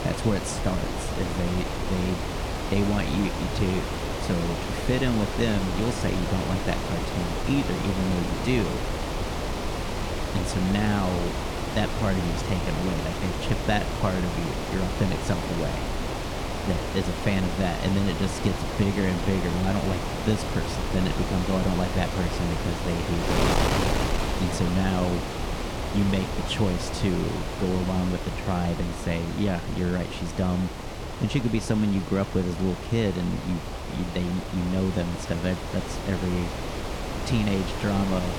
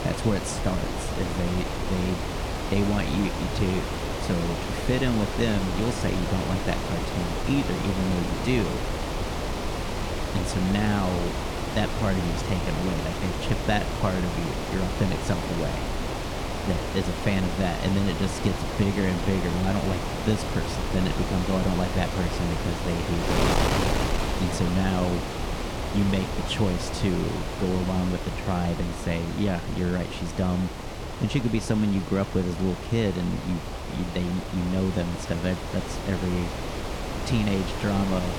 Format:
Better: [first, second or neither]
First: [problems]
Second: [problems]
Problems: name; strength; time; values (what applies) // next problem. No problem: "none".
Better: neither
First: wind noise on the microphone; heavy; as loud as the speech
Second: wind noise on the microphone; heavy; as loud as the speech